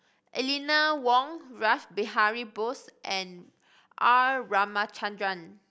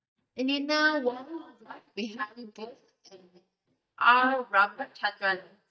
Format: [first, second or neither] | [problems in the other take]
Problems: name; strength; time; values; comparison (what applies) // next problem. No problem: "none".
first | noise reduction (neural mask model DeepFilterNet 3)